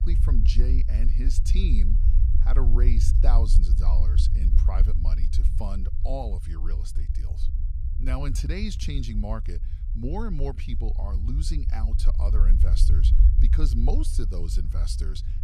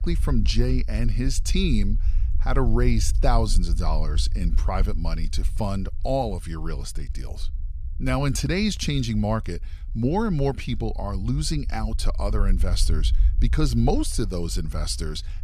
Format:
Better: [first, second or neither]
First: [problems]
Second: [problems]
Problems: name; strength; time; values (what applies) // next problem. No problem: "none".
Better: second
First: low rumble; loud; throughout; 7 dB below the speech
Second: low rumble; faint; throughout; 20 dB below the speech